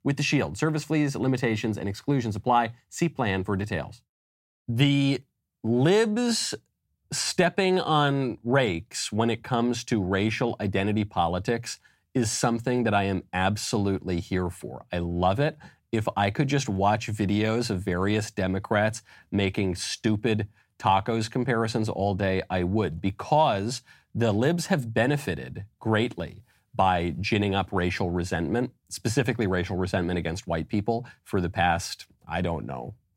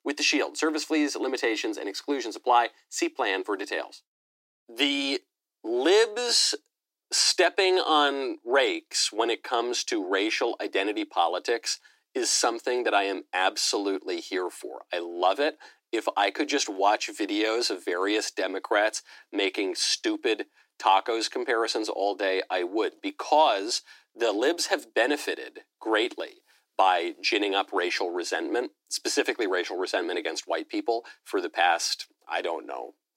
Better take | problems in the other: first | thin; somewhat; fading below 300 Hz

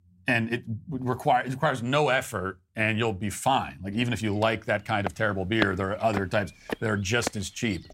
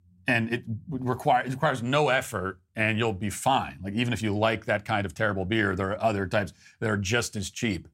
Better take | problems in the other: second | footsteps; noticeable; from 4 to 7.5 s; peak 5 dB below the speech

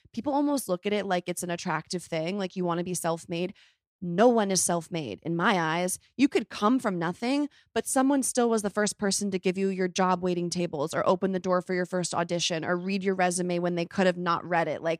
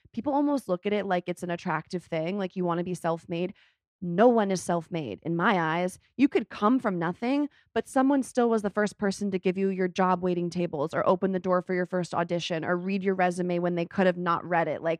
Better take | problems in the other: first | muffled; slightly; fading above 4 kHz

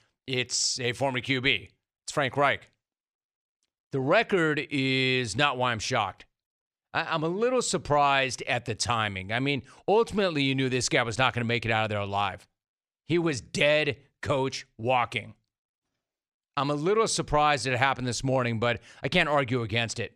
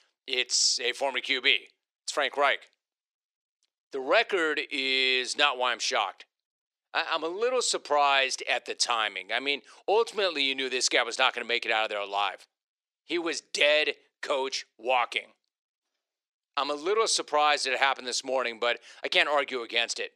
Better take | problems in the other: first | thin; somewhat; fading below 350 Hz

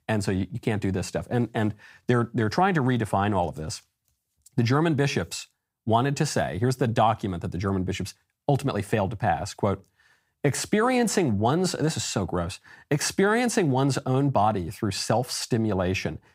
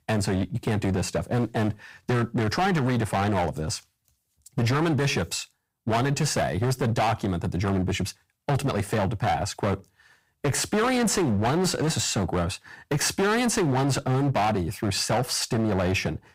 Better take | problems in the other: first | distortion; heavy; 17% of the sound clipped

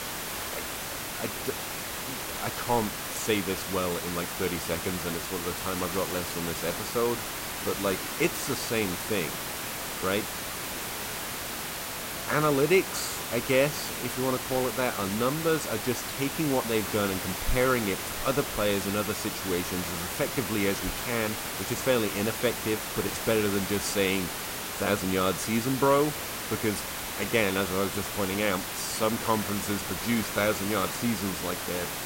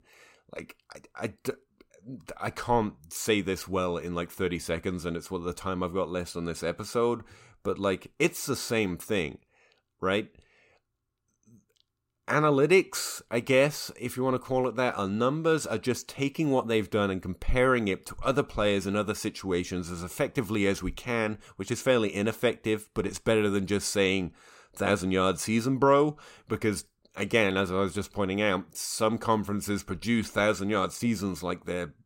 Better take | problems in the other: second | hiss; loud; throughout; 3 dB below the speech

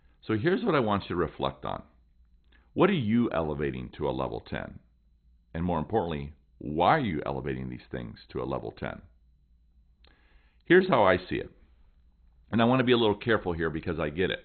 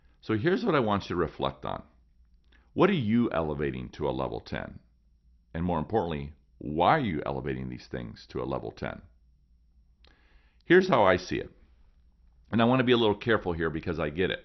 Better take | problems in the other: second | garbled, watery; badly; nothing above 4 kHz; slightly in the second

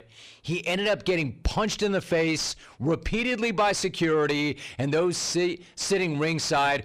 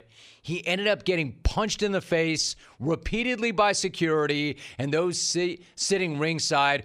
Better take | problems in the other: second | distortion; slight; 10 dB below the speech

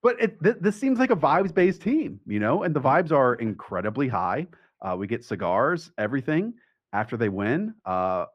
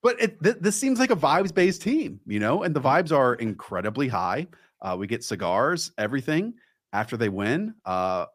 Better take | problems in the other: second | muffled; very; fading above 4 kHz

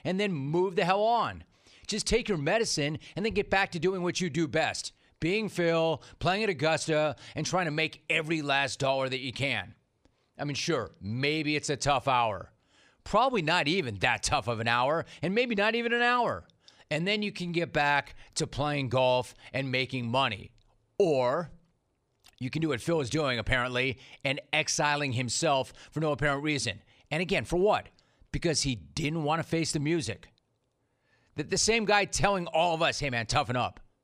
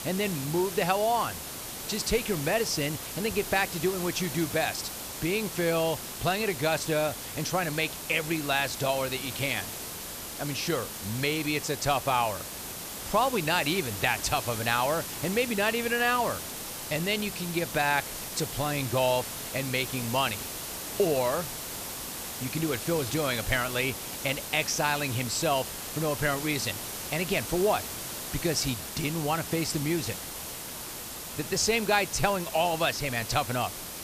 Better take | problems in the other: first | hiss; loud; throughout; 7 dB below the speech

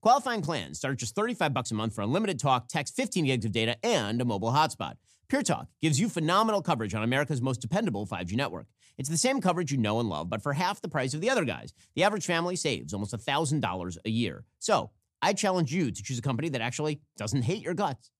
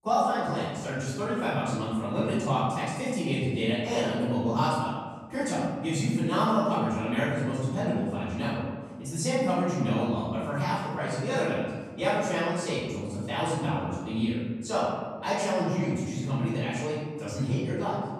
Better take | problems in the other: first | off-mic speech; far // room echo; strong; dies away in 1.4 s

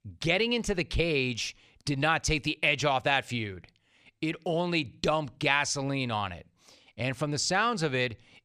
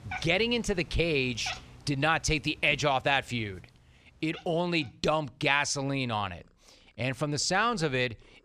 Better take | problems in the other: first | animal sounds; noticeable; throughout; 20 dB below the speech

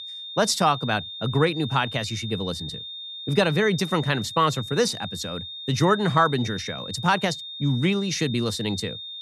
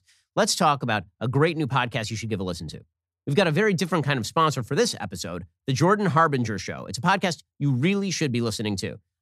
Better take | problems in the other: second | high-pitched whine; loud; throughout; 3.5 kHz, 10 dB below the speech

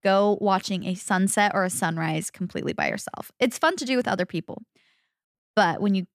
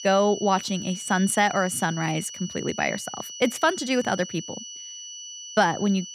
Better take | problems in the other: first | high-pitched whine; noticeable; throughout; 3 kHz, 10 dB below the speech

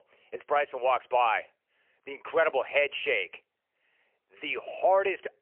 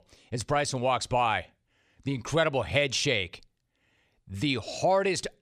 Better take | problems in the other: second | phone-call audio; poor line; nothing above 3 kHz

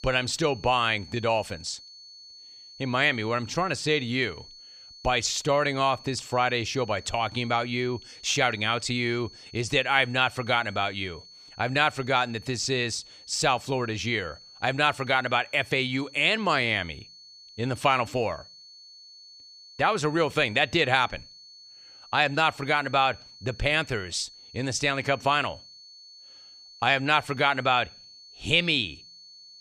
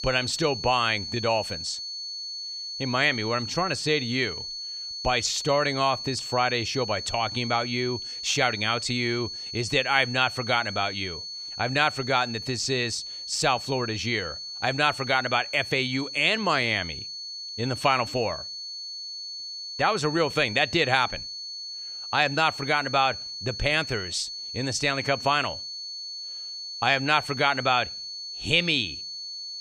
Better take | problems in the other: first | high-pitched whine; loud; throughout; 4.5 kHz, 8 dB below the speech; faint in the first

